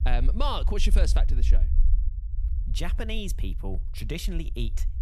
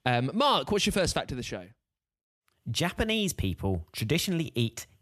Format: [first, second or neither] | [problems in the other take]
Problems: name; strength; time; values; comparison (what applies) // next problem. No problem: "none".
second | low rumble; noticeable; throughout; 15 dB below the speech